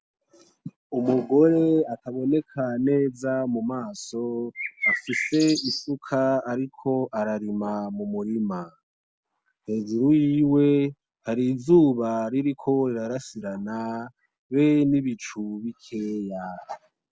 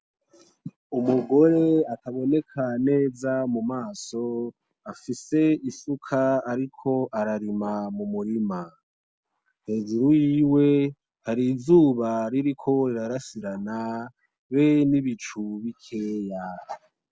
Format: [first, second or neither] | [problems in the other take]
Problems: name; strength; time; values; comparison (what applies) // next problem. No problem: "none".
second | background sound (Bird); 4 dB below the speech